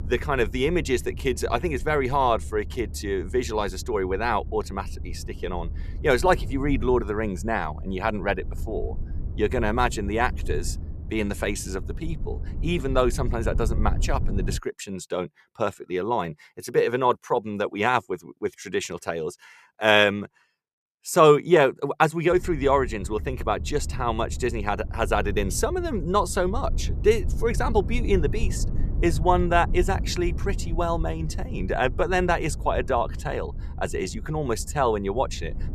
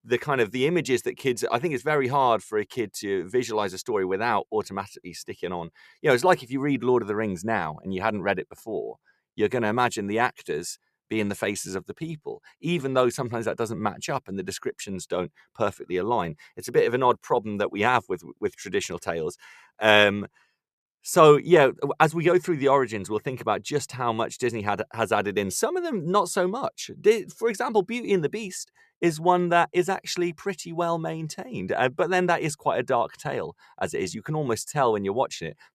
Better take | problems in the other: second | low rumble; faint; until 15 s and from 22 s on; 20 dB below the speech

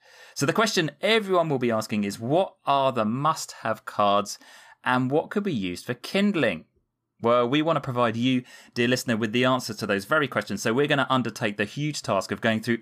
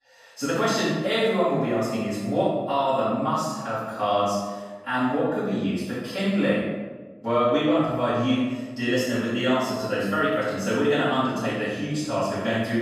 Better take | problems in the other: first | off-mic speech; far // room echo; strong; dies away in 1.1 s

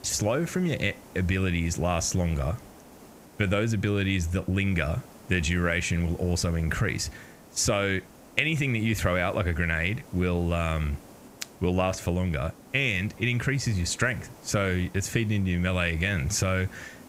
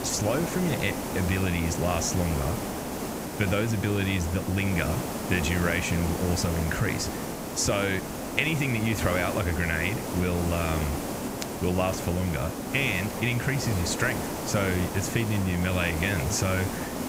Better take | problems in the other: first | hiss; loud; throughout; 5 dB below the speech; faint in the first

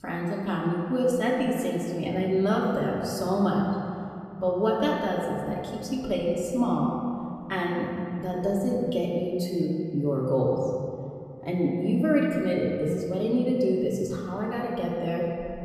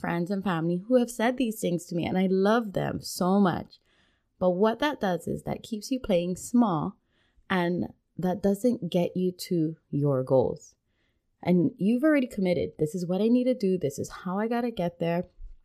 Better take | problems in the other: second | off-mic speech; far // room echo; noticeable; dies away in 2.5 s

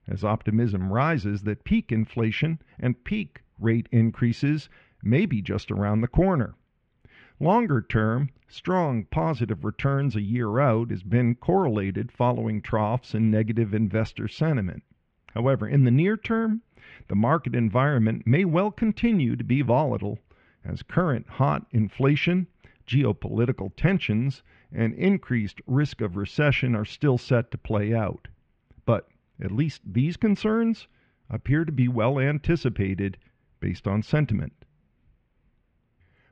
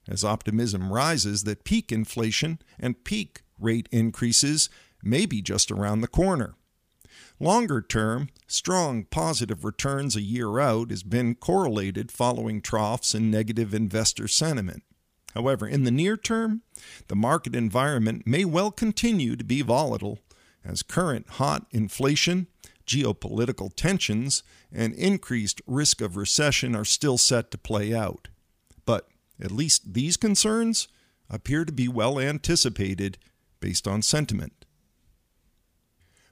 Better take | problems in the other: second | muffled; very; fading above 2.5 kHz

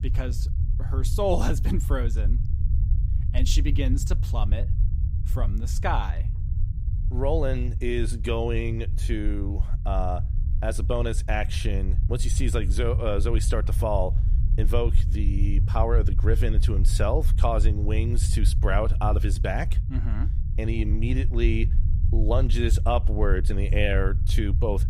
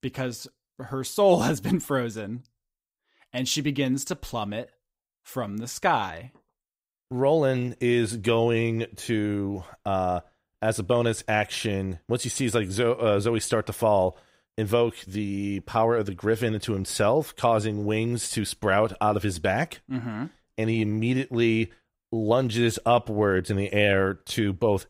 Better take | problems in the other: second | low rumble; noticeable; throughout; 15 dB below the speech

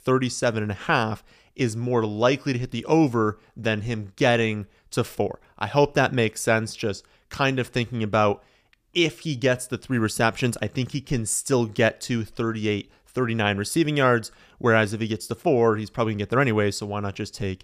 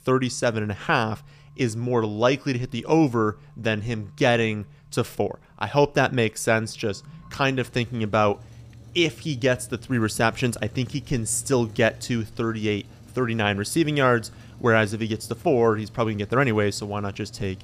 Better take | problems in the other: first | traffic noise; faint; throughout; 20 dB below the speech

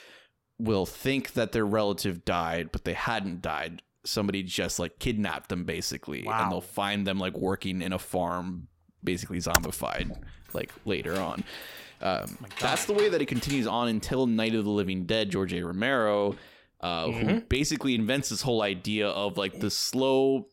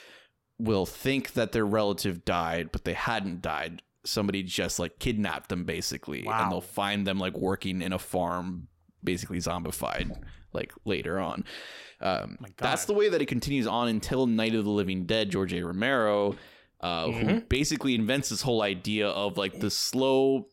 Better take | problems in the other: second | keyboard typing; very faint; at 9.5 s; peak 2 dB above the speech // jangling keys; noticeable; from 10 to 14 s; peak 5 dB below the speech

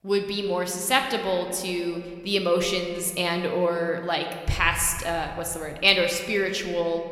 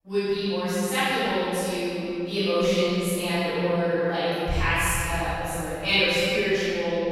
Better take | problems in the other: first | room echo; strong; dies away in 3 s; slight in the first // off-mic speech; far

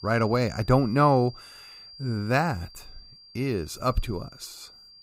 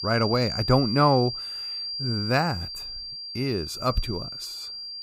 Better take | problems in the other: first | high-pitched whine; loud; throughout; 4.5 kHz, 6 dB below the speech; faint in the first

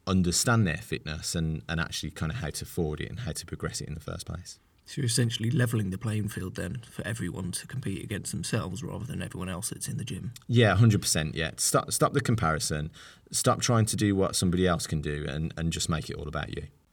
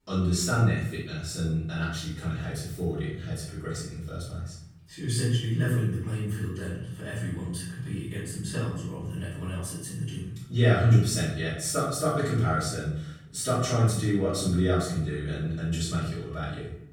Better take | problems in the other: first | off-mic speech; far // room echo; noticeable; dies away in 0.7 s

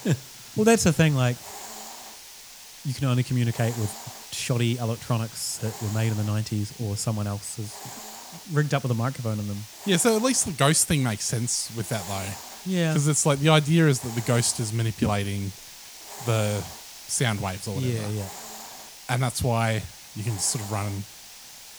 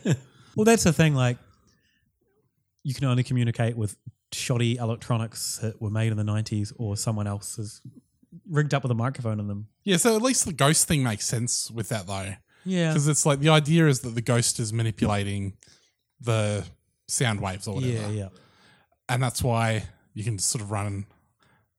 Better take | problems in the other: second | hiss; noticeable; throughout; 15 dB below the speech

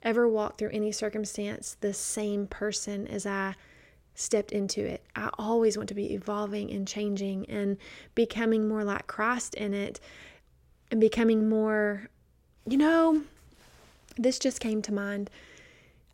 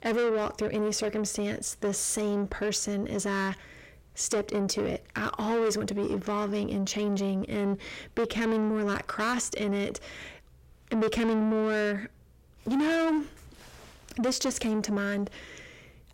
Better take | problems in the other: first | distortion; heavy; 7 dB below the speech

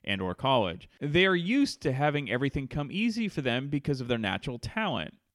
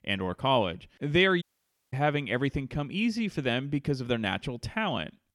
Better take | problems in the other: first | audio cutting out; at 1.5 s for 0.5 s

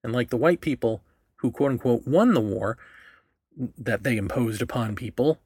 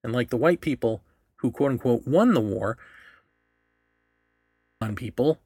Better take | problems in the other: first | audio freezing; at 3.5 s for 1.5 s

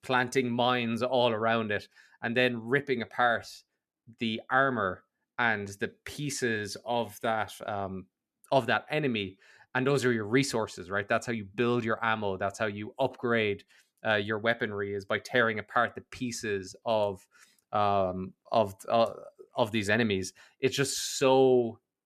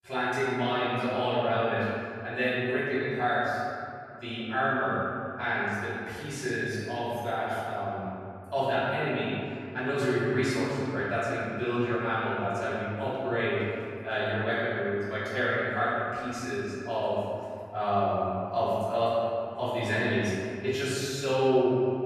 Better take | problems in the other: first | off-mic speech; far // room echo; strong; dies away in 2.6 s

